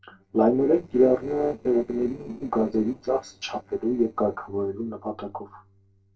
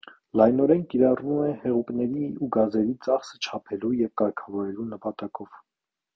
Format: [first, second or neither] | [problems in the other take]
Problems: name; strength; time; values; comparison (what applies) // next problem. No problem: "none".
second | noise reduction (neural separator model SepFormer DNS4)